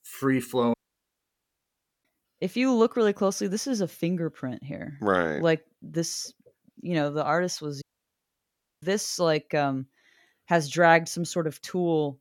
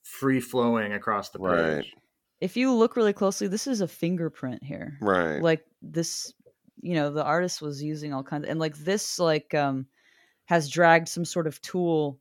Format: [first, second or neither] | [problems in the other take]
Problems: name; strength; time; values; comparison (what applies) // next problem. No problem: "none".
second | audio cutting out; at 0.5 s for 1.5 s and at 8 s for 1 s